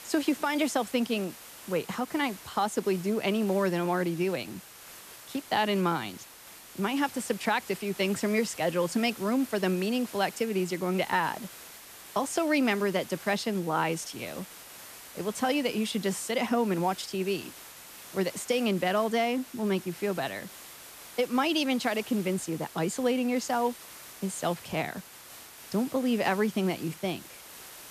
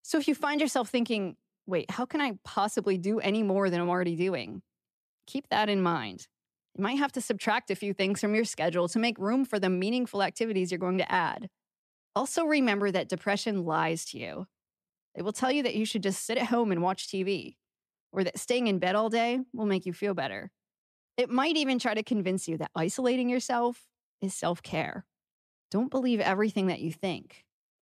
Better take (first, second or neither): second